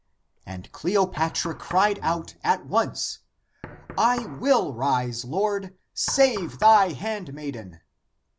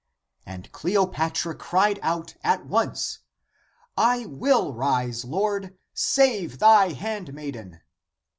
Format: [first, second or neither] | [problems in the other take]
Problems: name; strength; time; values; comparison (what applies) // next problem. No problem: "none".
second | background sound (Knock + Brass instrument); 19 dB below the speech